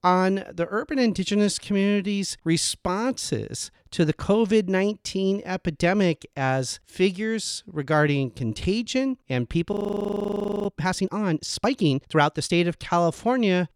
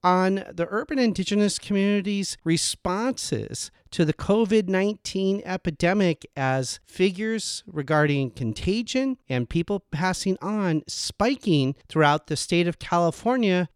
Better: second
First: audio freezing; at 9.5 s for 1 s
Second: none

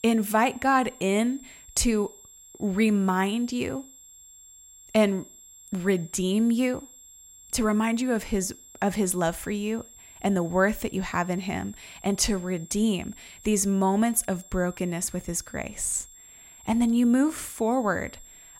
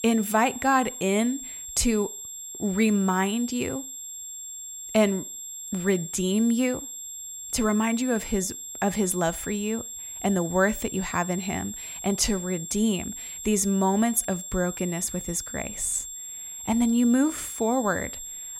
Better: first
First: high-pitched whine; faint; throughout; 7.5 kHz, 20 dB below the speech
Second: high-pitched whine; loud; throughout; 7.5 kHz, 9 dB below the speech

